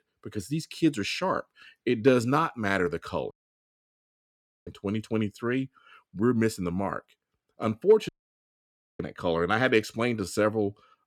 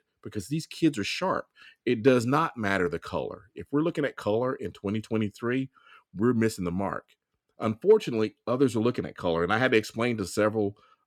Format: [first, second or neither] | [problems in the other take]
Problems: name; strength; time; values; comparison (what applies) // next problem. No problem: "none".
second | audio cutting out; at 3.5 s for 1.5 s and at 8 s for 1 s